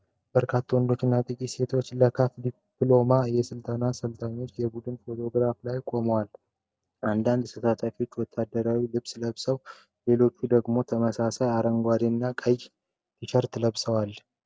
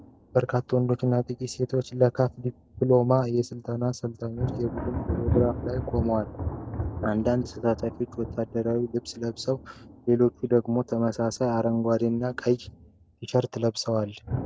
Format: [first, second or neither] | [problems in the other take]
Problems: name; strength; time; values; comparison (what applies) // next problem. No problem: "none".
first | background sound (Thunder); 9 dB below the speech